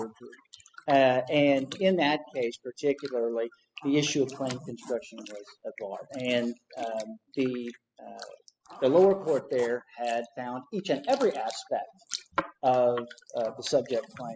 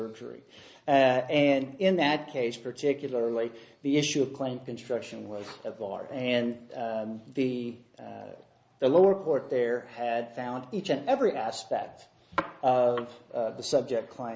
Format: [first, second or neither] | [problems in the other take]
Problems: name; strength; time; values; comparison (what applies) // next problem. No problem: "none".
second | noise reduction (classical method spectral subtraction)